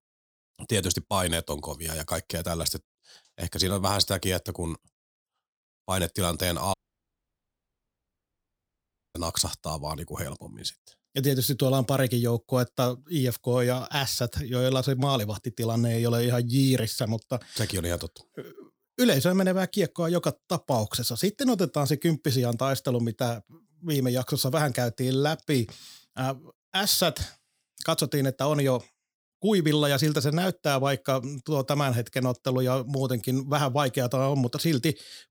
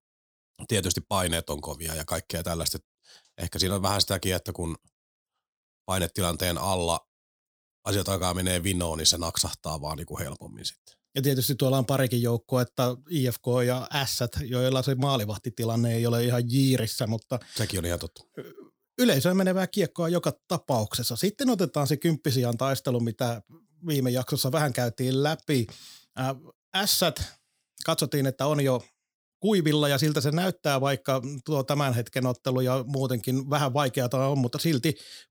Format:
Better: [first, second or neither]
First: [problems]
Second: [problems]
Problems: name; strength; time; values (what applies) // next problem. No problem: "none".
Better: second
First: audio cutting out; at 6.5 s for 2.5 s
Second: none